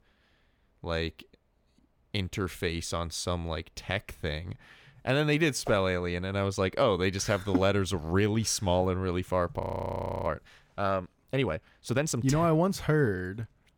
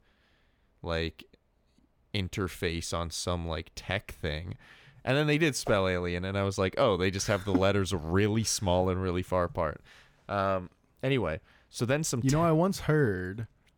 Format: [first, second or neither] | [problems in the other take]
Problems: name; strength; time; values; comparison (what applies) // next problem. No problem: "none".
second | audio freezing; at 9.5 s for 0.5 s